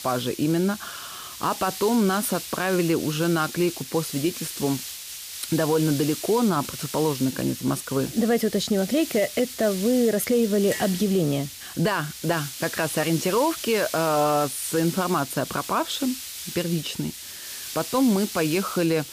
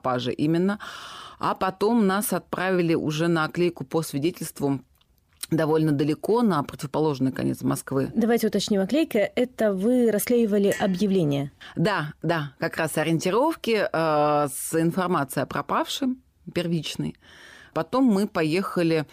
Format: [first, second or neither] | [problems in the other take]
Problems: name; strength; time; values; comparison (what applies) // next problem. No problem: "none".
second | hiss; loud; throughout; 9 dB below the speech